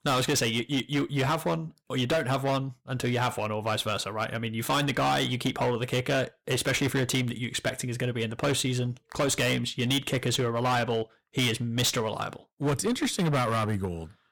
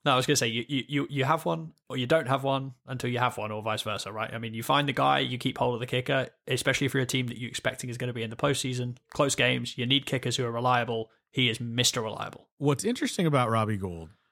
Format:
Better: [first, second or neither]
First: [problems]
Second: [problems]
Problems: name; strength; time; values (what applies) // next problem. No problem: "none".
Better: second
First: distortion; heavy; 13% of the sound clipped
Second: none